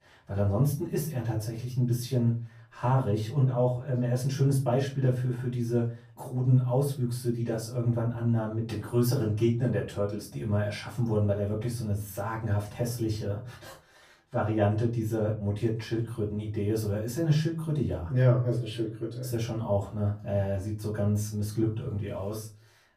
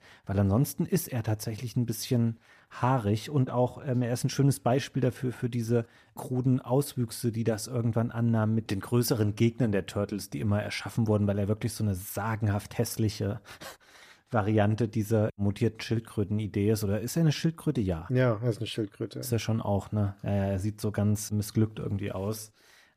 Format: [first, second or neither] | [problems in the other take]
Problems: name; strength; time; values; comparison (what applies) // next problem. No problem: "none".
second | off-mic speech; far // room echo; slight; dies away in 0.3 s